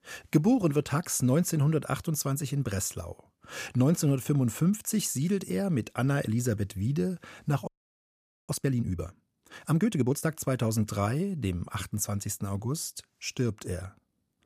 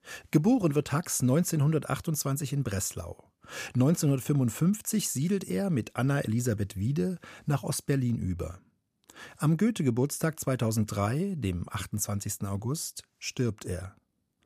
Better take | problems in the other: second | audio freezing; at 7.5 s for 1 s

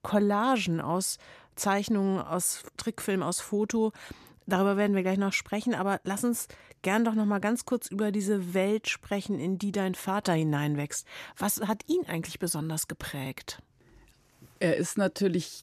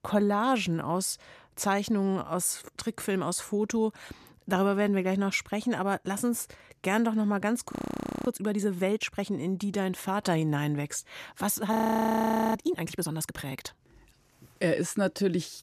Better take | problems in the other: first | audio freezing; at 7.5 s for 0.5 s and at 12 s for 1 s

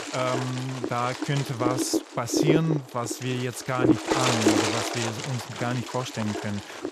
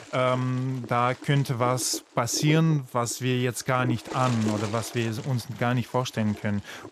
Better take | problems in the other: second | wind noise on the microphone; heavy; 2 dB above the speech; occasional gusts in the second

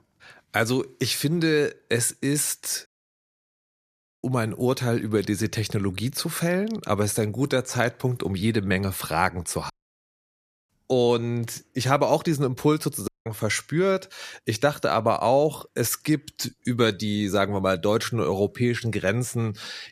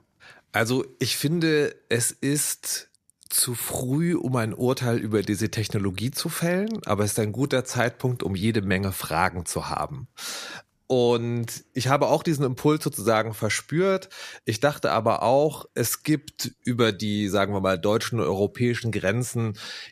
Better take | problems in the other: second | audio cutting out; at 3 s for 1.5 s, at 9.5 s for 1 s and at 13 s

